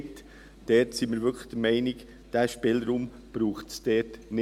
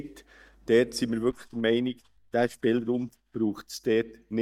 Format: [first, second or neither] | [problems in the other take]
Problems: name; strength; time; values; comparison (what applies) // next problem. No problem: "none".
first | noise reduction (neural mask model DeepFilterNet 3)